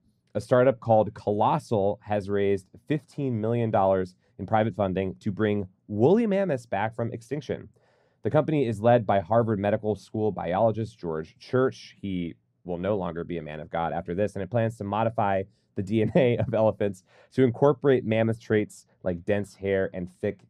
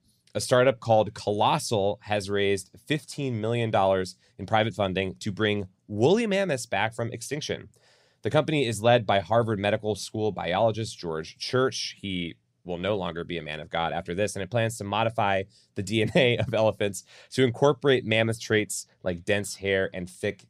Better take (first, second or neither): second